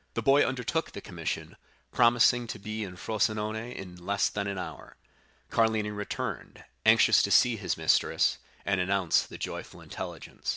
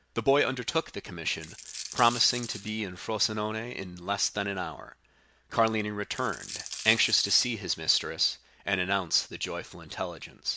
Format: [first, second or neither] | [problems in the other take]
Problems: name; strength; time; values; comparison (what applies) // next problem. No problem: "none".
first | background sound (Coin (dropping)); 11 dB below the speech